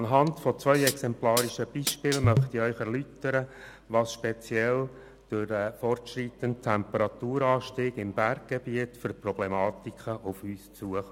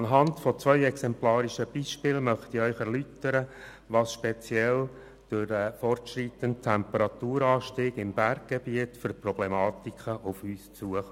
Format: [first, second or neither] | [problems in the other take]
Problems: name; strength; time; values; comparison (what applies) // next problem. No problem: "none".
second | background sound (Hi-hat); 1 dB below the speech